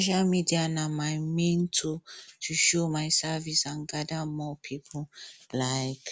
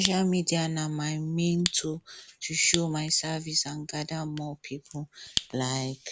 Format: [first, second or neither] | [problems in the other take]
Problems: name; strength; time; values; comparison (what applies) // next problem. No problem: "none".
first | background sound (Fire); 10 dB below the speech